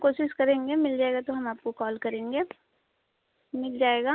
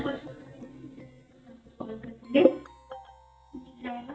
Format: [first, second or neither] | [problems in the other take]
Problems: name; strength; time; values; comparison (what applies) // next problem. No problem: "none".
first | noise reduction (neural mask model DeepFilterNet 3)